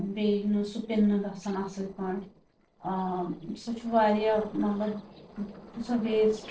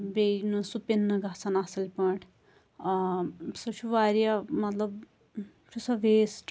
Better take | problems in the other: second | noise reduction (neural separator model SepFormer DNS4)

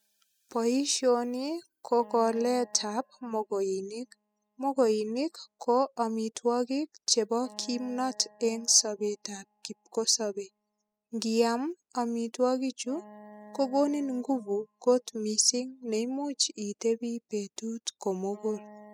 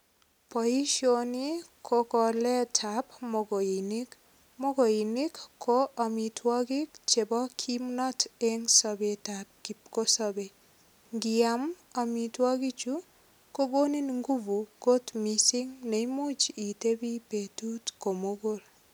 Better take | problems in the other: second | noise reduction (classical method spectral subtraction)

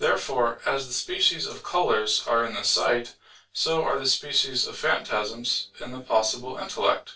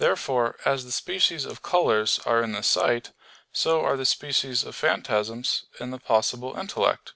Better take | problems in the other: second | noise reduction (neural separator model SepFormer DNS4)

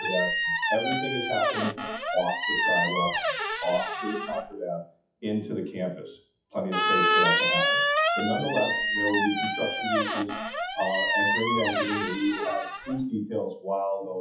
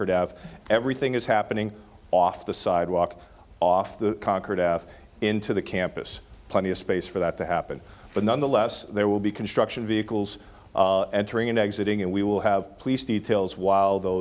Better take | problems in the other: second | noise reduction (classical method WPE with log-MMSE)

